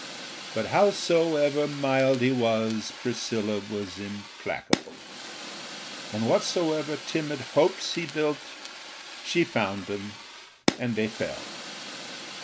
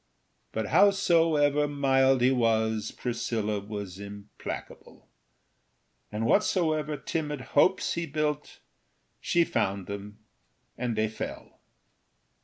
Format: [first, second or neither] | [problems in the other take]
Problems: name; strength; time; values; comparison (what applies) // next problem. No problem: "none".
second | background sound (Fire); 9 dB below the speech